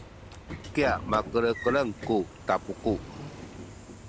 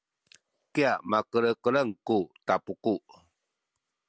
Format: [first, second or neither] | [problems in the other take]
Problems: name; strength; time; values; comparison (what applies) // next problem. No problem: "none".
second | background sound (Sliding door / Train); 10 dB below the speech